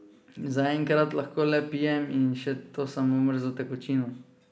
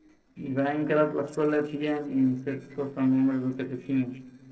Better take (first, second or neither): first